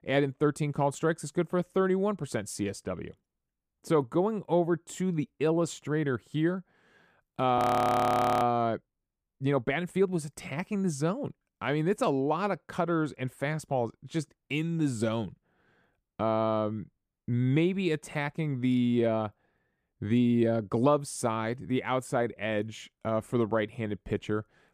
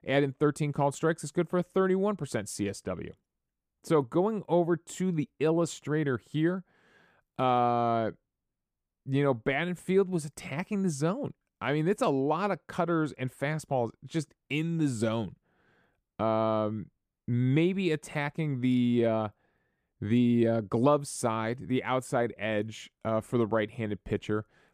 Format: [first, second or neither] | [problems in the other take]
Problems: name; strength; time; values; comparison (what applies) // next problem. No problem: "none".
second | audio freezing; at 7.5 s for 1 s